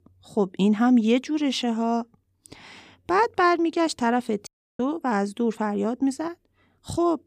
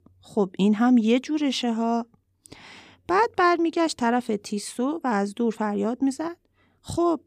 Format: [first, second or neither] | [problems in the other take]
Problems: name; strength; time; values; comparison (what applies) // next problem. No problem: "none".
second | audio cutting out; at 4.5 s